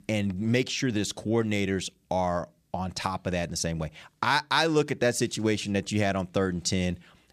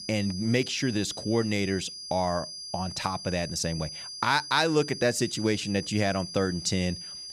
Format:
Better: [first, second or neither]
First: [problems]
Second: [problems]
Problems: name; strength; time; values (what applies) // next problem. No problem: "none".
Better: first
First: none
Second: high-pitched whine; loud; throughout; 5 kHz, 9 dB below the speech